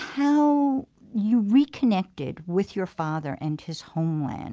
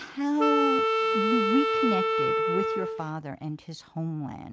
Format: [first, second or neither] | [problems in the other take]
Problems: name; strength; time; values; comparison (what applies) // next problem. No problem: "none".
first | background sound (Wind instrument, woodwind instrument); 4 dB above the speech